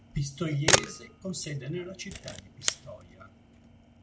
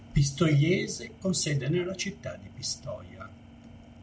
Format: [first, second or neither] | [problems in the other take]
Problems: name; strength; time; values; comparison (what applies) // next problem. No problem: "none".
second | background sound (Camera); 4 dB above the speech